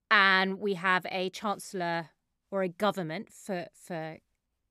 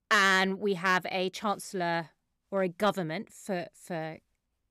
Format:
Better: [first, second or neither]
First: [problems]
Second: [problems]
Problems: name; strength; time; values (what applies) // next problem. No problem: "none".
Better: first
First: none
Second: distortion; slight; 1.7% of the sound clipped